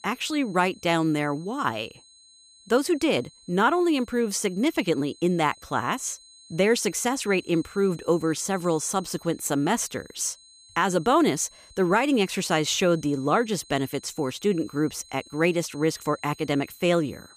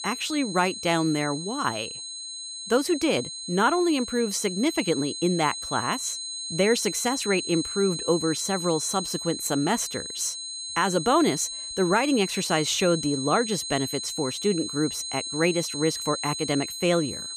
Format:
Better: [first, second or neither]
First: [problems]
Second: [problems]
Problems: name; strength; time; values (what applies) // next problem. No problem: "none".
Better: first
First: high-pitched whine; faint; throughout; 4 kHz, 25 dB below the speech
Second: high-pitched whine; loud; throughout; 4 kHz, 6 dB below the speech